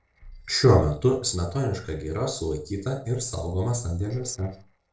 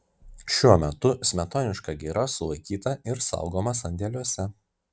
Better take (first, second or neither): second